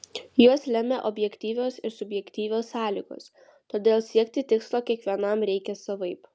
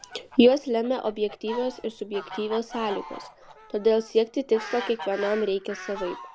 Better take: first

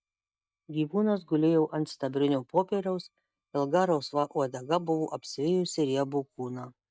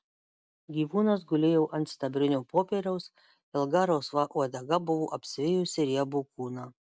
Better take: second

